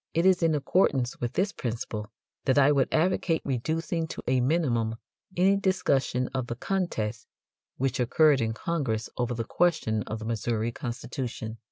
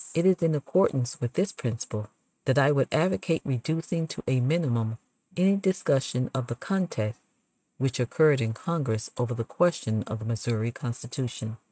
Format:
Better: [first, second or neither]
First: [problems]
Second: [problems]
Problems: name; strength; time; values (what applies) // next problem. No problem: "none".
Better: first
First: none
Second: noise reduction (neural mask model RNNoise)